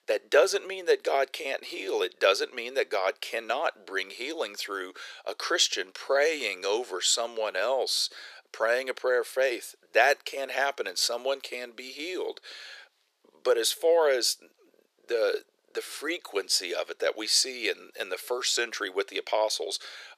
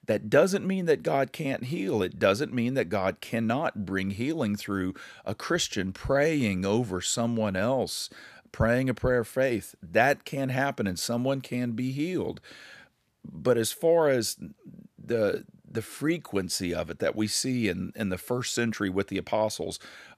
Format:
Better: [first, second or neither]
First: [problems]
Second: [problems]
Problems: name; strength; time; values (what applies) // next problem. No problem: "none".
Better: second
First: thin; very; fading below 400 Hz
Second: none